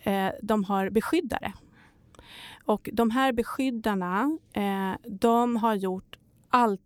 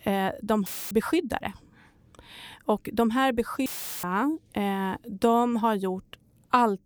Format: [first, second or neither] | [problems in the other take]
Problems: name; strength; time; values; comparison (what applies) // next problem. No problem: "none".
first | audio cutting out; filled with static; at 0.5 s and at 3.5 s